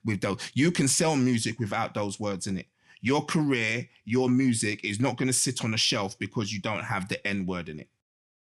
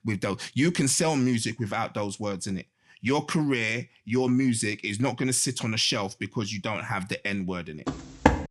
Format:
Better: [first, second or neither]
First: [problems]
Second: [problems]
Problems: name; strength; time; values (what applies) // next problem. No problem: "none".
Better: first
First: none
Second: footsteps; loud; at 8 s; peak 3 dB above the speech